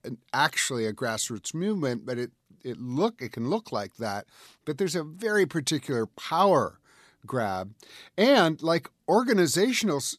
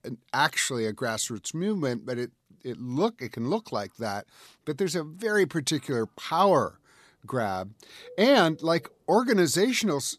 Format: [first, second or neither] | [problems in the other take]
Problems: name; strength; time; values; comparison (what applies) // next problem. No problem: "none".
first | animal sounds; faint; from 3.5 s on; 30 dB below the speech